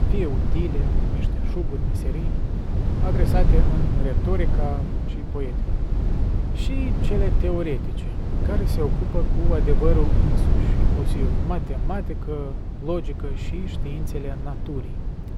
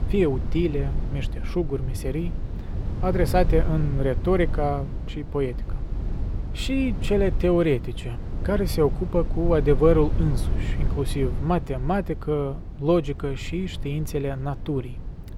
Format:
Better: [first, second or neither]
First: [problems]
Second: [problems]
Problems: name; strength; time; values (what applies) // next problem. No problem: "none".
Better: second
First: wind noise on the microphone; heavy; 3 dB below the speech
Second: wind noise on the microphone; occasional gusts; 15 dB below the speech